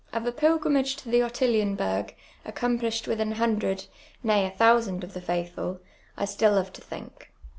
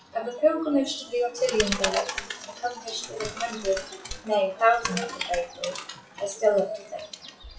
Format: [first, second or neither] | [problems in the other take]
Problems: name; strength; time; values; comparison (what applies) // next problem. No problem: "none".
first | noise reduction (classical method WPE with log-MMSE)